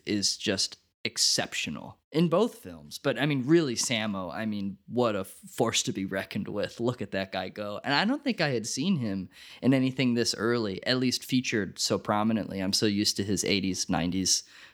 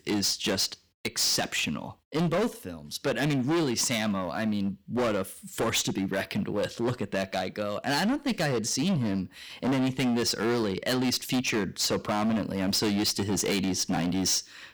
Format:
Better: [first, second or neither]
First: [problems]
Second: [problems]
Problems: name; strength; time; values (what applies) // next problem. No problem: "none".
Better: first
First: none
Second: distortion; heavy; 19% of the sound clipped